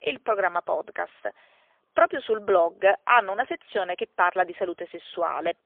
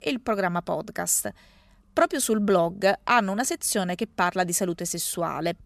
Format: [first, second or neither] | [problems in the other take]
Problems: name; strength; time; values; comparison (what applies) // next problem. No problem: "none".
second | phone-call audio; poor line